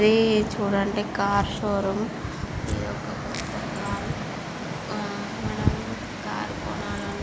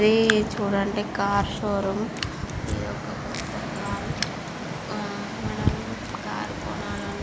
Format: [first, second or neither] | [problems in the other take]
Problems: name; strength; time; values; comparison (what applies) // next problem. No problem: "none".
first | background sound (Raindrop); 13 dB below the speech